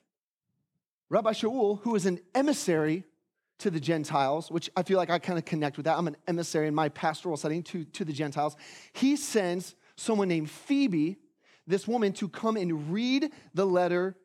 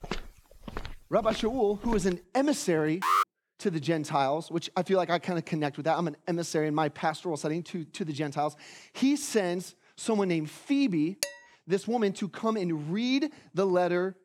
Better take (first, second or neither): first